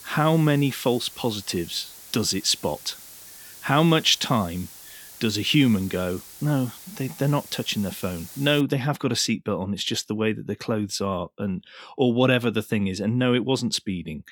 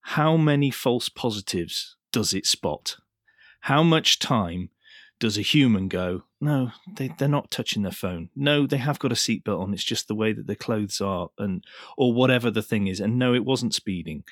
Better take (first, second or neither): second